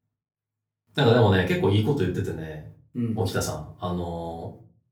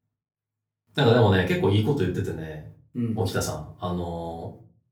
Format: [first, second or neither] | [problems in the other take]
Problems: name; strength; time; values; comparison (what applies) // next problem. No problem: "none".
neither | room echo; slight; dies away in 0.3 s; the same in both // off-mic speech; far; the same in both